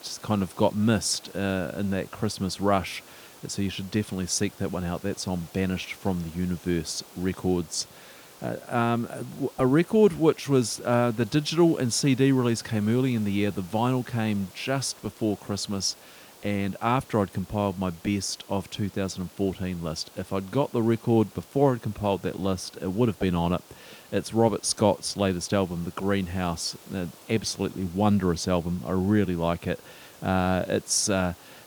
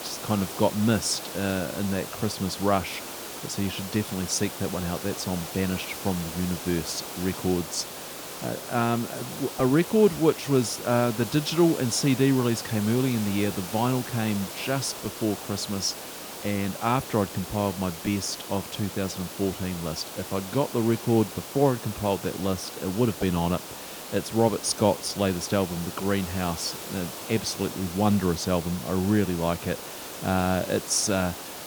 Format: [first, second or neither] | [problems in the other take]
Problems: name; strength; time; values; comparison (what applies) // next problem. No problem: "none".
first | hiss; loud; throughout; 9 dB below the speech; faint in the first